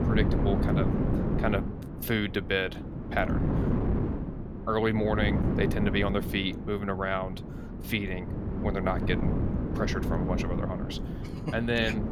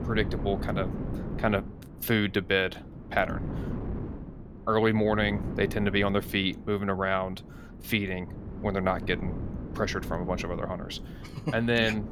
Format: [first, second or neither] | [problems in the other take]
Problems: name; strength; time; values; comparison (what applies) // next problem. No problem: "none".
second | wind noise on the microphone; heavy; 6 dB below the speech; occasional gusts in the second